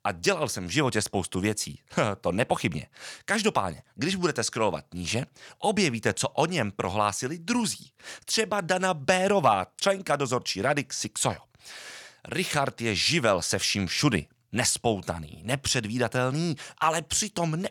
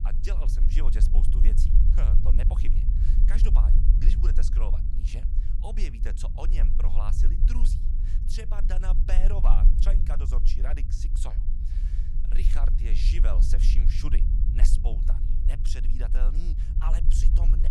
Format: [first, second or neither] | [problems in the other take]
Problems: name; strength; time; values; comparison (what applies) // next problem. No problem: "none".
first | low rumble; loud; throughout; 5 dB below the speech